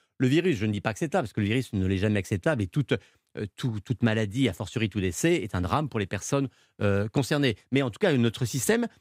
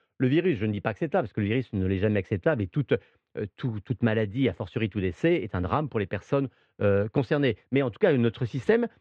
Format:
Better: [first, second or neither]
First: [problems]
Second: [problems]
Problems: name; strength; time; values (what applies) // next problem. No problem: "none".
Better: first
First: none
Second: muffled; very; fading above 3 kHz